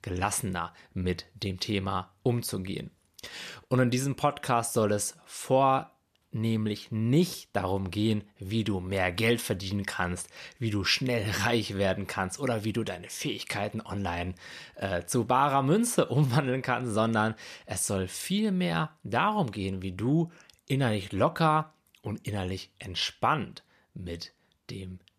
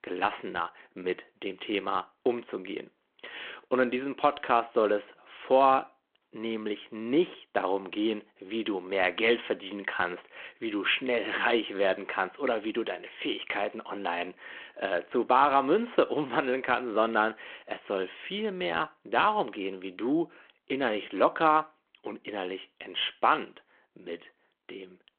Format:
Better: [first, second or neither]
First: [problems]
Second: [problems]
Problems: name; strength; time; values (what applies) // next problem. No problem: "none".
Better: first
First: none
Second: phone-call audio